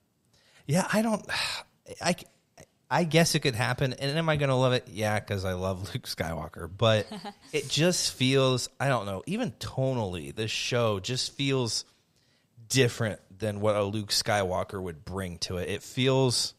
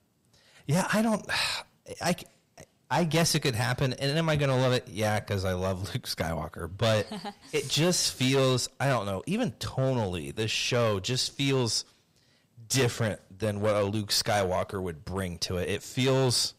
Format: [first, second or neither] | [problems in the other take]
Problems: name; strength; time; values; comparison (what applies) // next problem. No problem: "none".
first | distortion; slight; 7% of the sound clipped